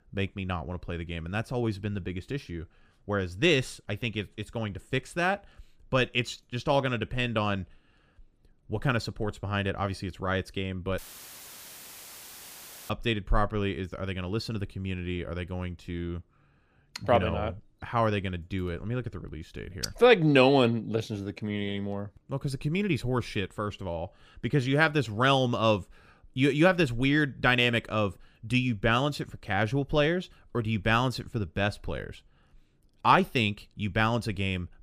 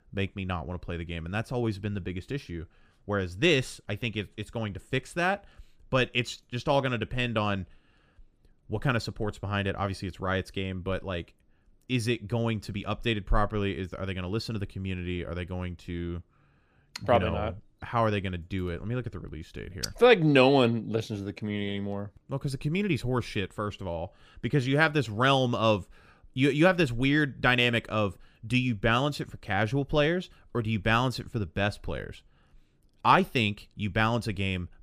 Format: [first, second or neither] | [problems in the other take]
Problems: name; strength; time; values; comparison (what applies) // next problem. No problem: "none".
second | audio cutting out; filled with static; at 11 s for 2 s